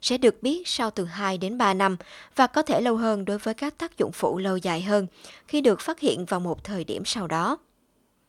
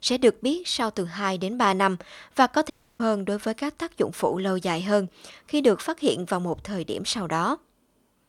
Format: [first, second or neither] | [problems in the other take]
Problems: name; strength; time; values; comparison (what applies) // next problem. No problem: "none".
first | audio cutting out; at 2.5 s